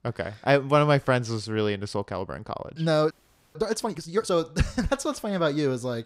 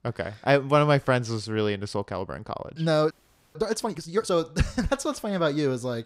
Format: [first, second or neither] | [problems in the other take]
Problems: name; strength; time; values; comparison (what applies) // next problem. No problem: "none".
neither | audio freezing; at 3 s; the same in both